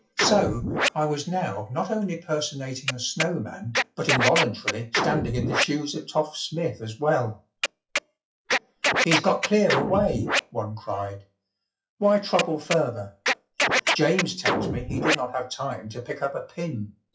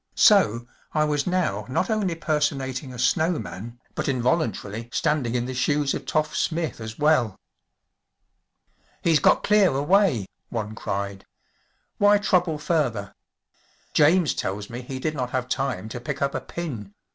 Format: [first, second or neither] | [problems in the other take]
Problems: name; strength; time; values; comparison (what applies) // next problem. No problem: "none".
second | noise reduction (classical method WPE with log-MMSE)